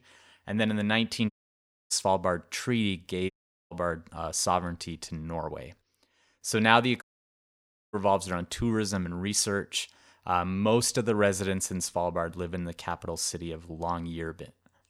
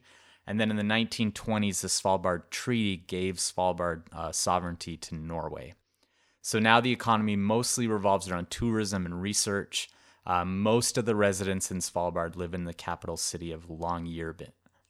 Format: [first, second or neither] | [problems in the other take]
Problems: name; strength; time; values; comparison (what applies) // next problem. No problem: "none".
second | audio cutting out; at 1.5 s for 0.5 s, at 3.5 s and at 7 s for 1 s